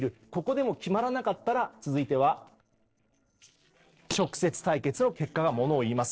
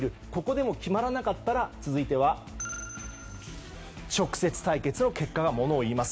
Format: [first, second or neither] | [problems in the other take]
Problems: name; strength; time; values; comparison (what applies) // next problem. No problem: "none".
second | noise reduction (neural separator model SepFormer DNS4)